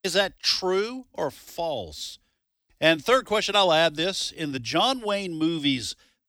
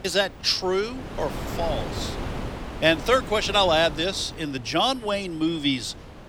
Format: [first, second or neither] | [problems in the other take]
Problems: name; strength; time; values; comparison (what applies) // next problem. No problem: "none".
first | wind noise on the microphone; occasional gusts; 15 dB below the speech